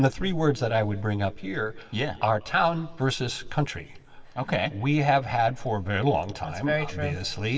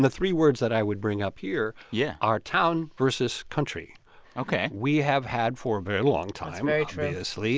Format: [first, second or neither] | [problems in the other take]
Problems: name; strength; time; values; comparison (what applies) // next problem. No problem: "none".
second | room echo; dies away in 1.5 s